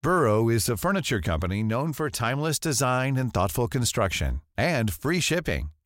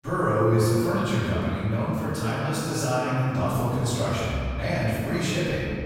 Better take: first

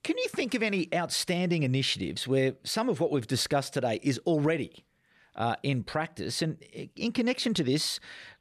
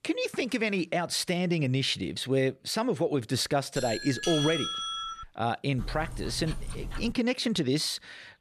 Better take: first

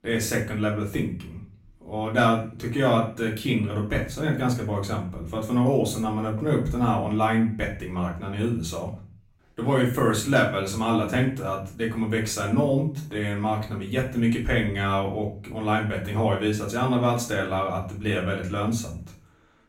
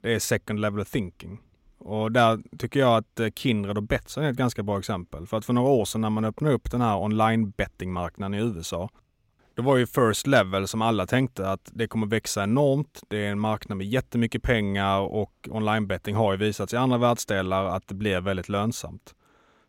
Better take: second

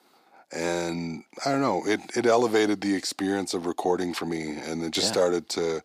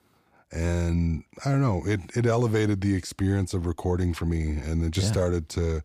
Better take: second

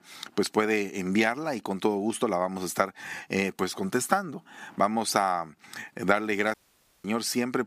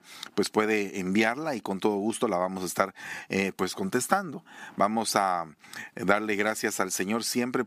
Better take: second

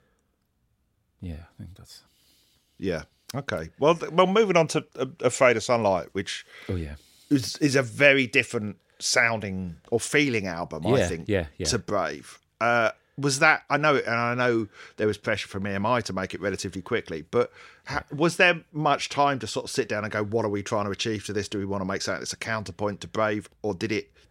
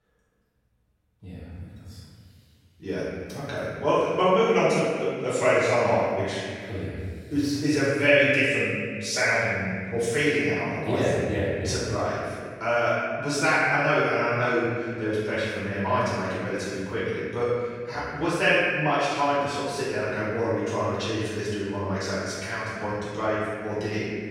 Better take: first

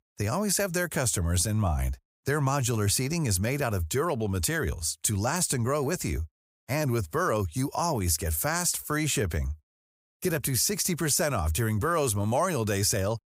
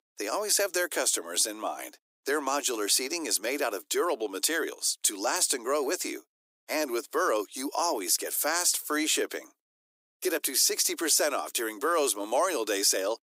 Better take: first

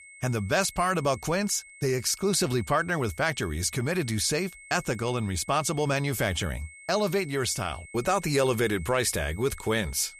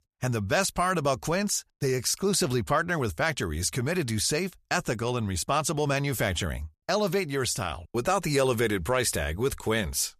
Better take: second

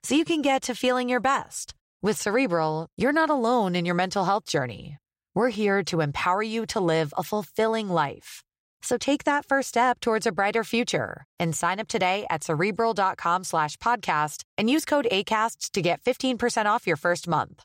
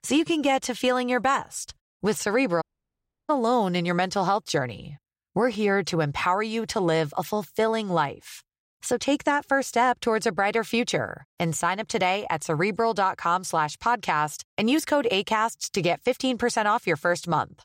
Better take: first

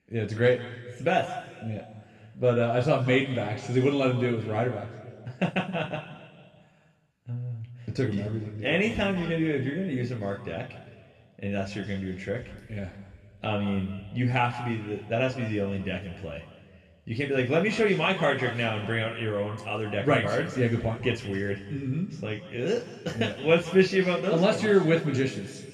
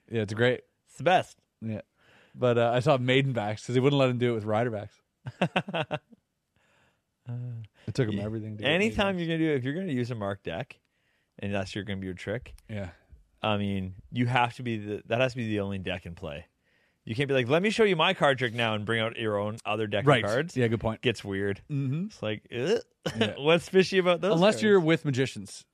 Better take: second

